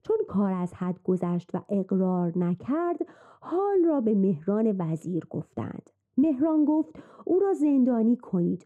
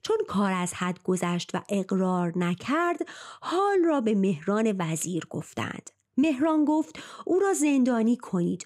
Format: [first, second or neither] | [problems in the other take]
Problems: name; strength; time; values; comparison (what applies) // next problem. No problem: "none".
second | muffled; very; fading above 1.5 kHz